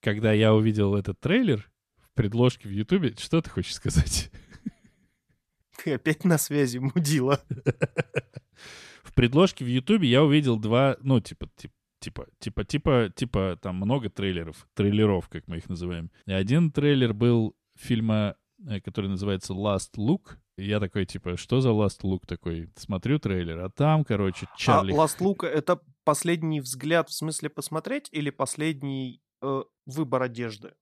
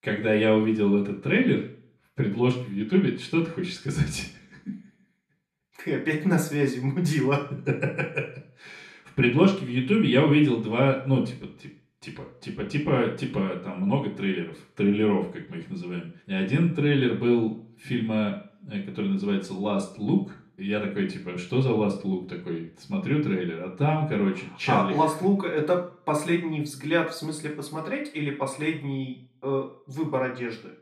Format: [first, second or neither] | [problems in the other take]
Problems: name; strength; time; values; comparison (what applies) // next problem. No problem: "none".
first | room echo; slight; dies away in 0.4 s // off-mic speech; far